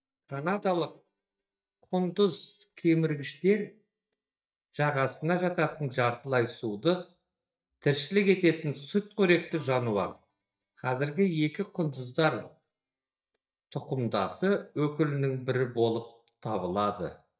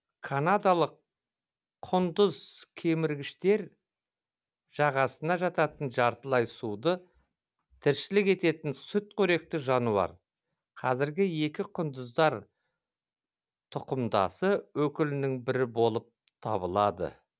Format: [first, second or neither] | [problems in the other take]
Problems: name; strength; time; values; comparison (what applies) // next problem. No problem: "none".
second | noise reduction (neural mask model DeepFilterNet 3)